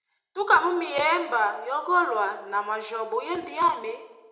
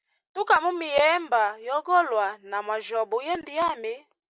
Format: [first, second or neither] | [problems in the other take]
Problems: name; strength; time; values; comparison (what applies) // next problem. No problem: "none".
second | room echo; dies away in 0.7 s